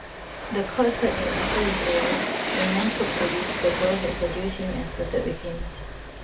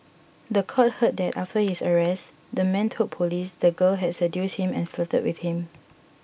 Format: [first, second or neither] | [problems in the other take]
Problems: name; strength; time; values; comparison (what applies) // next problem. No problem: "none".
second | background sound (Train); 1 dB below the speech // room echo; dies away in 0.2 s